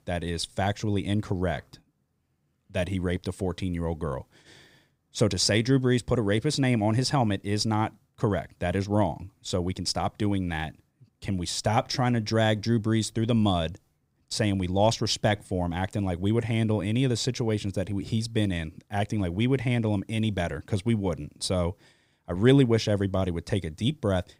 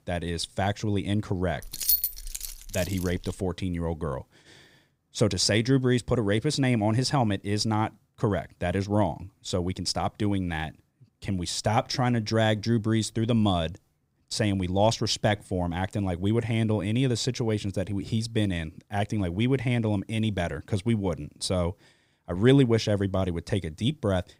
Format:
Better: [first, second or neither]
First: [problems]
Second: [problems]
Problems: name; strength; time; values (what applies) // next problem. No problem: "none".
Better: first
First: none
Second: jangling keys; loud; from 1.5 to 3.5 s; peak 4 dB above the speech